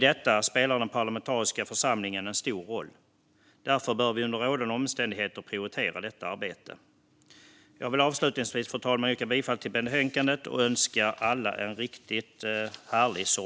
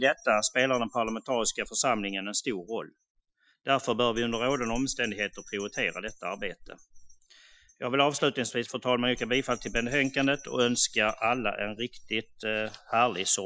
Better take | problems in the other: first | noise reduction (classical method Wiener filter)

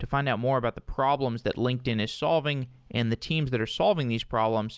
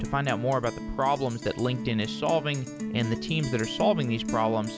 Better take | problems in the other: first | background sound (Guitar); 7 dB below the speech

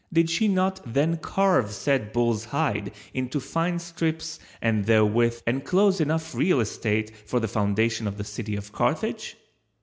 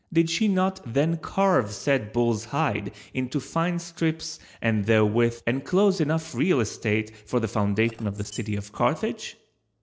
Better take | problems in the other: first | noise reduction (neural separator model SepFormer DNS4)

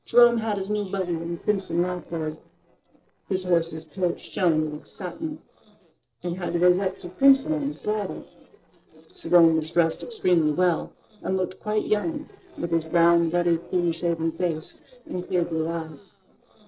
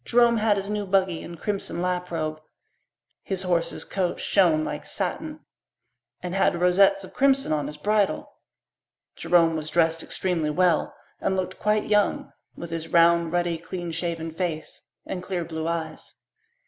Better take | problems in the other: second | noise reduction (neural separator model SepFormer DNS4)

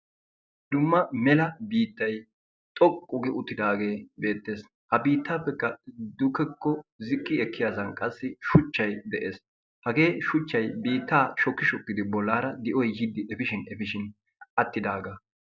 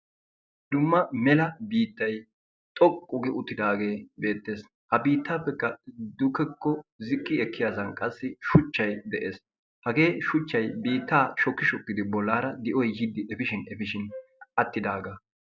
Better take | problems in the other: first | background sound (Wind instrument, woodwind instrument); 19 dB below the speech

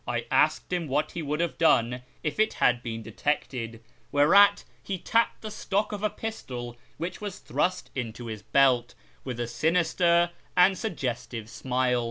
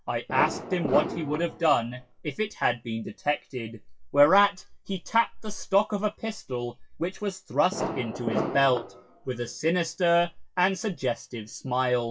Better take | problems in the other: first | noise reduction (classical method WPE with log-MMSE)

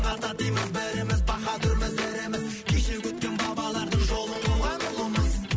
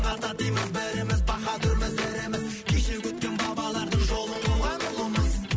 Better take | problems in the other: first | background sound (Knock); 17 dB below the speech

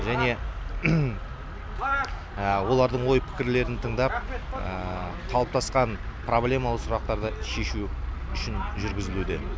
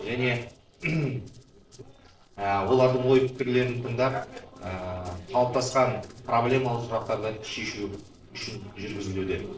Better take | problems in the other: first | noise reduction (neural separator model SepFormer DNS4)

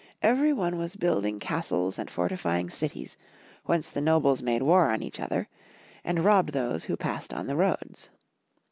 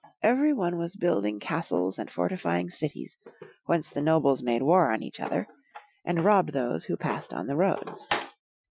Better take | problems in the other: first | noise reduction (classical method Wiener filter)

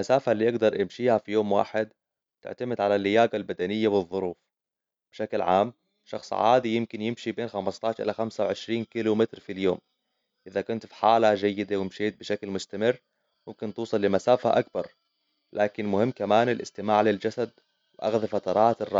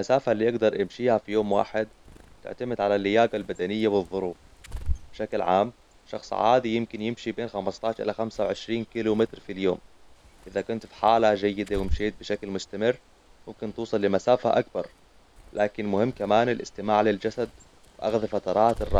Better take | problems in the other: first | background sound (Bird); 13 dB below the speech

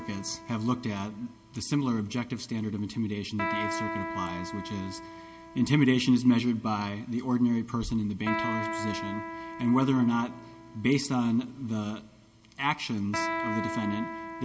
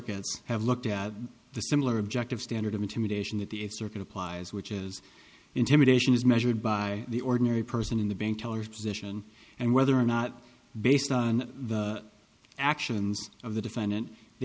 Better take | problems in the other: second | background sound (Electric guitar); 9 dB below the speech // room echo; dies away in 0.4 s

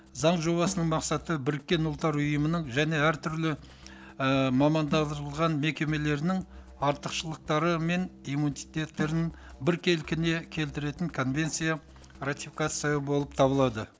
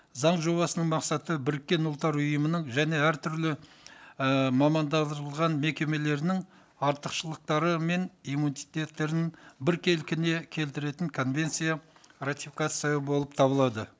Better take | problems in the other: second | background sound (Drum kit + Drum); 17 dB below the speech

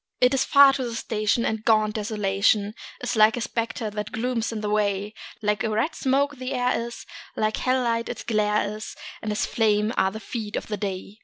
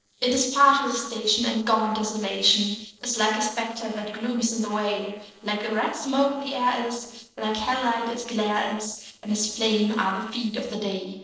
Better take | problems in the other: first | noise reduction (neural separator model SepFormer DNS4)

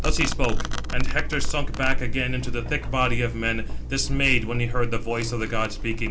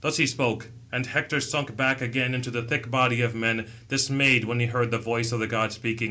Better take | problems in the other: second | background sound (Domestic sounds, home sounds); 2 dB above the speech

